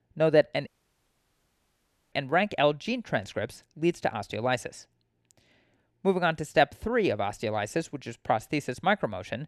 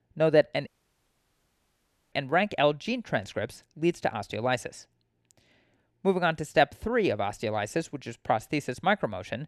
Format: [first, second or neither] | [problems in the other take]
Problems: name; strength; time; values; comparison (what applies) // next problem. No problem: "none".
neither | audio cutting out; at 0.5 s for 1.5 s; the same in both